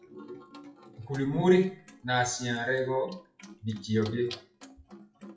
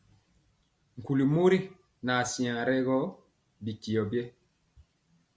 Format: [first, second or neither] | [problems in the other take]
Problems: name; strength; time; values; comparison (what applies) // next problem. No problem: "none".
second | noise reduction (classical method WPE with log-MMSE)